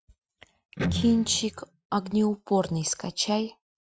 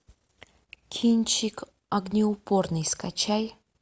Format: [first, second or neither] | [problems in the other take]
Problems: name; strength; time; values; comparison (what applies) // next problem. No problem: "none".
second | noise reduction (classical method Wiener filter)